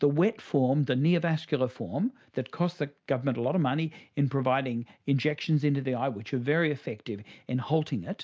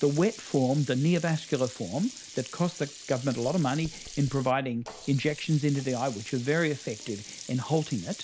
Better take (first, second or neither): first